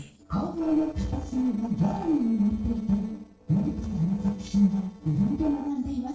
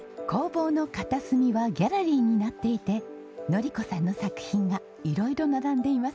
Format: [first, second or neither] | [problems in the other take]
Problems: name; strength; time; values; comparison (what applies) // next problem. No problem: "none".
second | noise reduction (neural separator model SepFormer DNS4)